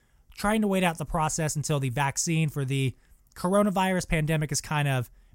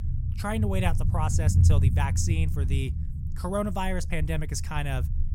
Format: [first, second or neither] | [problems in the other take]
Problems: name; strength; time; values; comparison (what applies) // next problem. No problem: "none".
first | low rumble; loud; throughout; 9 dB below the speech